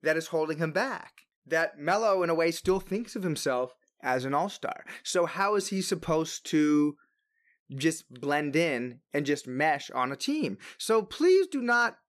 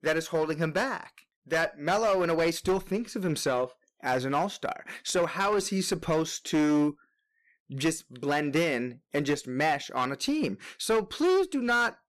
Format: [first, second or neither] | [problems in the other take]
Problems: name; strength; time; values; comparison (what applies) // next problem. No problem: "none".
first | distortion; slight; 10% of the sound clipped